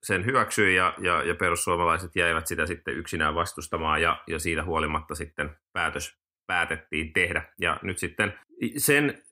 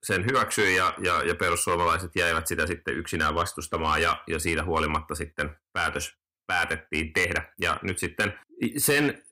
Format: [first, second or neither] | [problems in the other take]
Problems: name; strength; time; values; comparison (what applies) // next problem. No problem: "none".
first | distortion; slight; 3% of the sound clipped